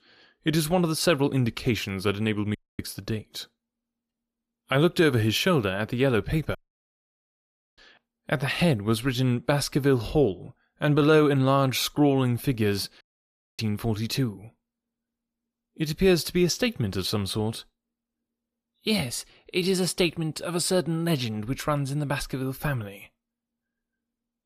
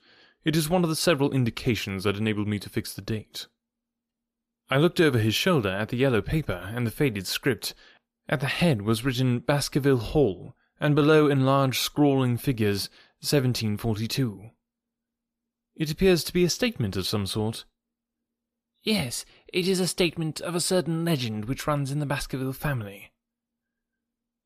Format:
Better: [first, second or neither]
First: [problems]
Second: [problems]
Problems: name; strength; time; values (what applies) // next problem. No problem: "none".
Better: second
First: audio cutting out; at 2.5 s, at 6.5 s for 1 s and at 13 s for 0.5 s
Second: none